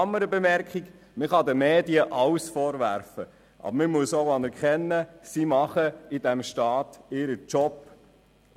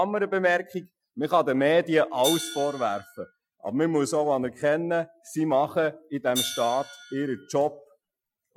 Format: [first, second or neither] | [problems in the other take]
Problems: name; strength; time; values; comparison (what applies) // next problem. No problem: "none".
first | noise reduction (classical method Wiener filter)